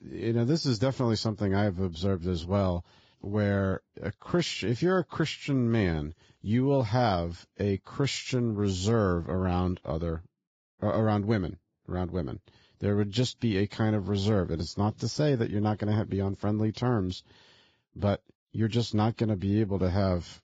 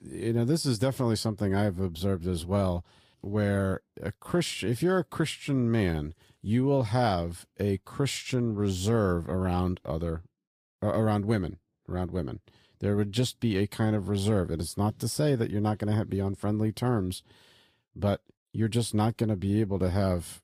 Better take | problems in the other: second | garbled, watery; badly; nothing above 7.5 kHz; slightly in the second

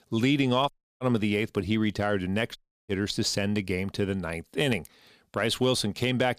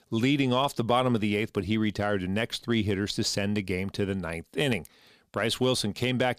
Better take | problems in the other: second | audio cutting out; at 0.5 s and at 2.5 s

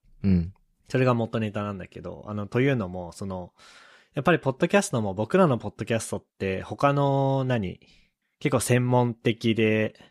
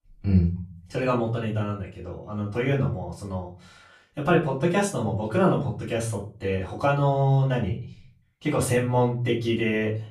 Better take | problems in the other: first | off-mic speech; far // room echo; slight; dies away in 0.4 s

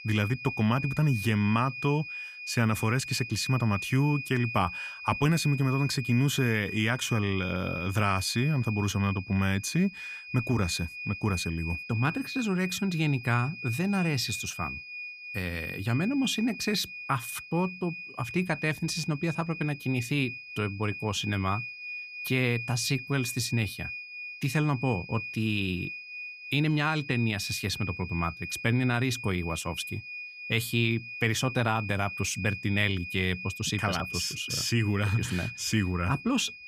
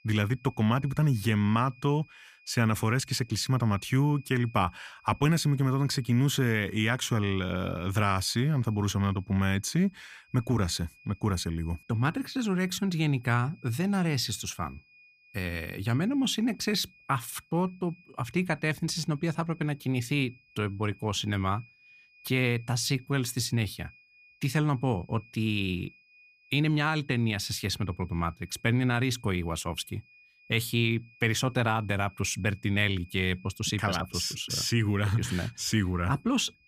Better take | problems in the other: second | high-pitched whine; loud; throughout; 2.5 kHz, 9 dB below the speech; faint in the second

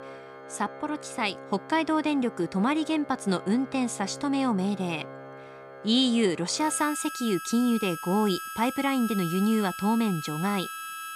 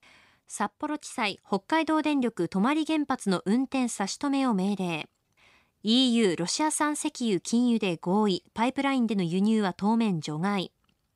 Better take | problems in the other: second | background music; noticeable; throughout; 10 dB below the speech

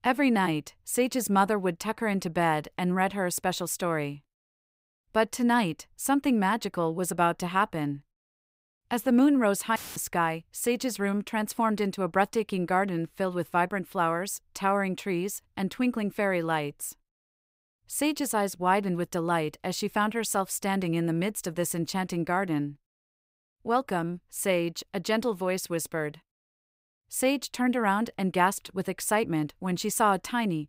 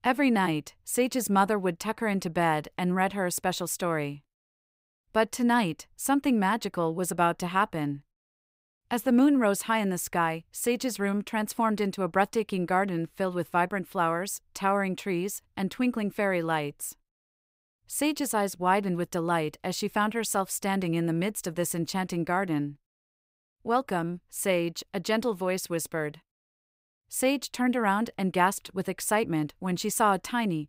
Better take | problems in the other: second | audio cutting out; filled with static; at 10 s

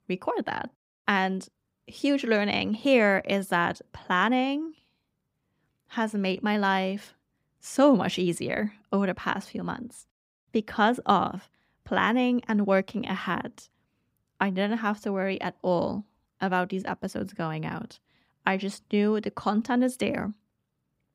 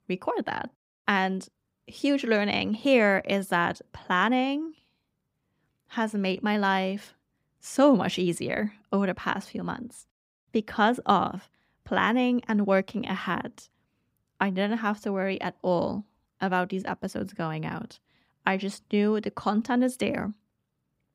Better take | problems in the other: neither | none

